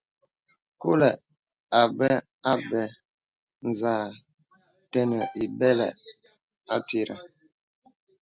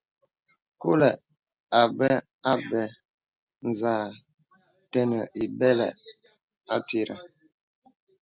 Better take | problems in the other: second | background sound (Bowed string instrument); 14 dB below the speech

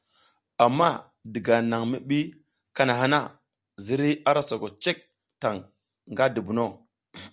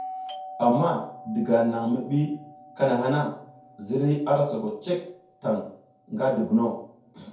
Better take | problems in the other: first | background sound (Doorbell); 18 dB below the speech // room echo; dies away in 0.6 s

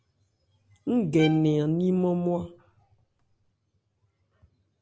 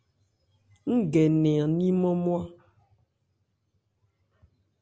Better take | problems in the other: second | background sound (Bowed string instrument); 15 dB below the speech

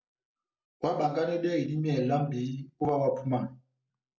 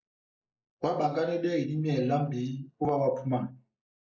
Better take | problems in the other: first | noise reduction (neural mask model Resemble Enhance denoiser)

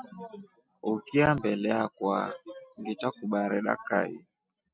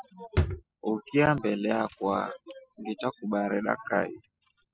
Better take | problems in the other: first | noise reduction (classical method spectral subtraction)

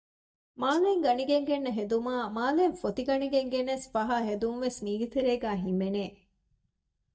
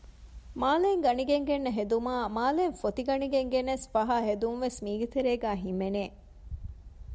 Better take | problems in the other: second | noise reduction (neural mask model DeepFilterNet 3)

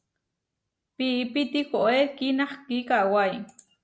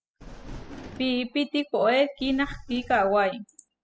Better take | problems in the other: first | noise reduction (classical method spectral subtraction)

